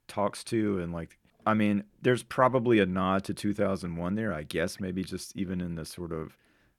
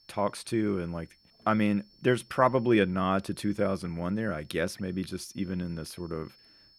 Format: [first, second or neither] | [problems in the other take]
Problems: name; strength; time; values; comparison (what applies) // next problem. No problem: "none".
first | high-pitched whine; faint; throughout; 5.5 kHz, 30 dB below the speech